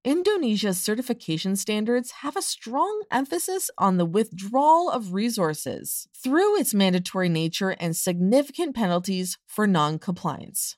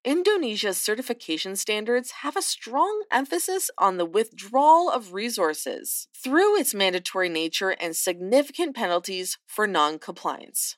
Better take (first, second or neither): first